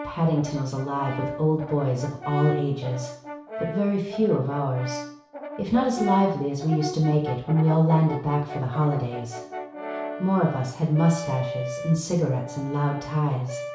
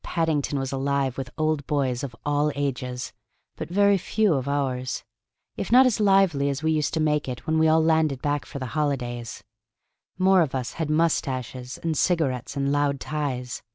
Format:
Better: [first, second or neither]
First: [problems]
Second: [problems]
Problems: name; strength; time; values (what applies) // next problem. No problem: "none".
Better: second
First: background sound (Brass instrument); 10 dB below the speech // room echo; dies away in 0.6 s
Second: none